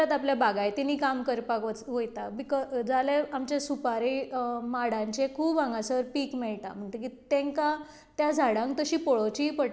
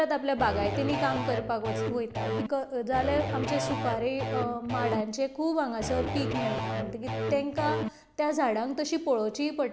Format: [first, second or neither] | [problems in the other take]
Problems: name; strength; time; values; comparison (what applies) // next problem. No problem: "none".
first | background sound (Electric guitar / Bass guitar); 2 dB below the speech